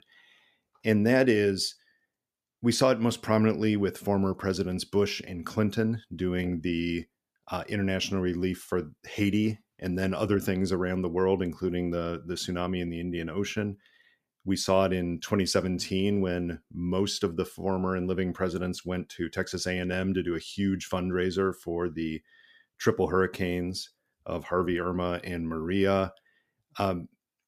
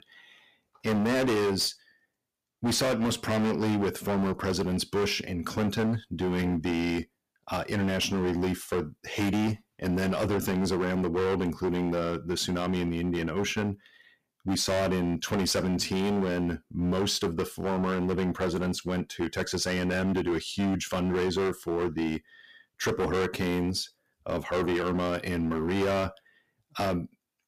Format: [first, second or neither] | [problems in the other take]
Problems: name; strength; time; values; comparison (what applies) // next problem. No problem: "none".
first | distortion; heavy; 17% of the sound clipped